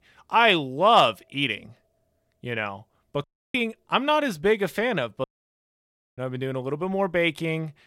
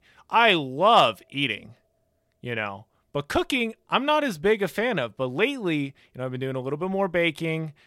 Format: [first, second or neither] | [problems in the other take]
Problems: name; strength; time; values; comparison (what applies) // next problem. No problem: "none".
second | audio cutting out; at 3 s and at 5 s for 1 s